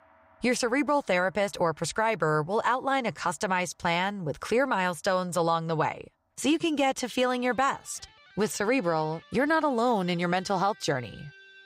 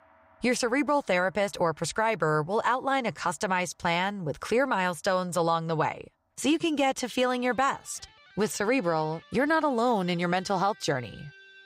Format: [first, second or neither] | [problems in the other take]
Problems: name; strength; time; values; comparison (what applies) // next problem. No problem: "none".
neither | background music; faint; throughout; 25 dB below the speech; the same in both